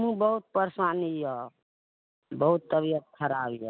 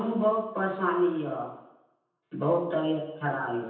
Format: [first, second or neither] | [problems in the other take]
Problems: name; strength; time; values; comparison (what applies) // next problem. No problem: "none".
first | room echo; dies away in 0.9 s